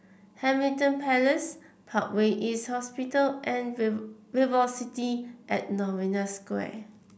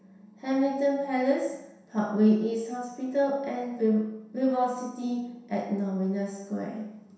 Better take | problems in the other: first | room echo; dies away in 0.7 s

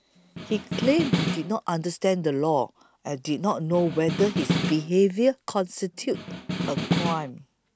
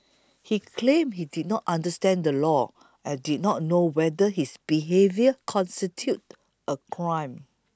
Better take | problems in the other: second | background sound (Snare drum); 3 dB below the speech

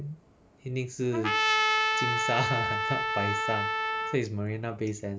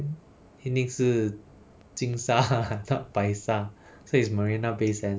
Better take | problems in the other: second | background sound (Trumpet); 4 dB above the speech

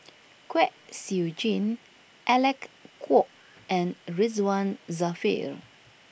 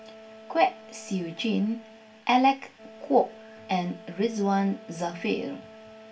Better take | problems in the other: first | background sound (Wind instrument, woodwind instrument); 20 dB below the speech // room echo; dies away in 0.2 s

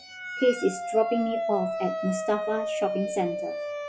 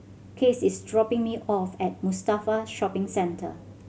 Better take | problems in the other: second | noise reduction (classical method log-MMSE)

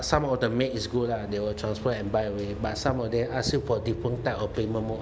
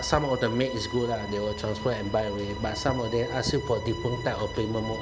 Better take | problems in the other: first | background sound (Bowed string instrument); 13 dB below the speech

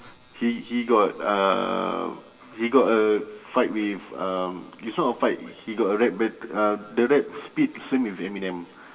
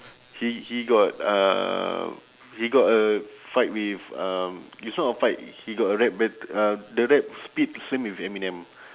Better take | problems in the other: second | room echo; dies away in 2.7 s

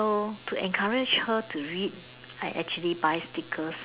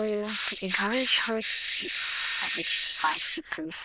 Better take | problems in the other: first | noise reduction (neural diffusion model UNIVERSE++)

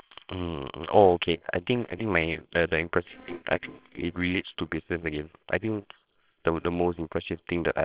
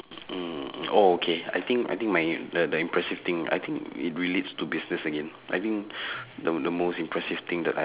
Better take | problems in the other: second | noise reduction (neural separator model SepFormer WHAMR!)

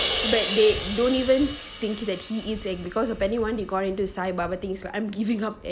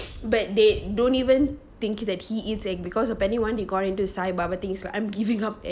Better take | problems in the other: second | background sound (Crash cymbal); 9 dB below the speech

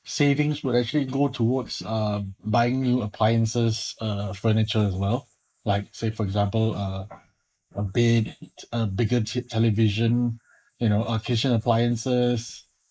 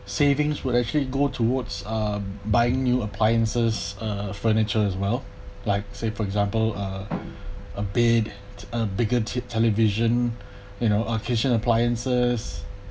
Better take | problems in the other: second | noise reduction (neural mask model Resemble Enhance denoiser)

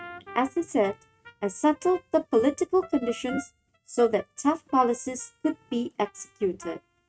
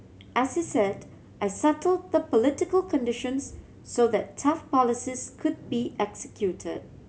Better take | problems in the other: second | noise reduction (neural mask model RNNoise)

